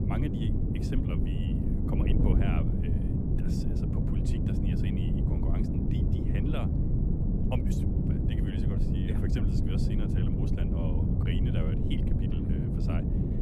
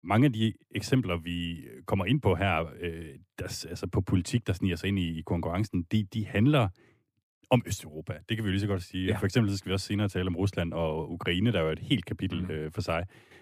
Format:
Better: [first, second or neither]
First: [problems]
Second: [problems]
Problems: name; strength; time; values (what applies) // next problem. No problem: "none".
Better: second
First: wind noise on the microphone; heavy; 4 dB above the speech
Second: none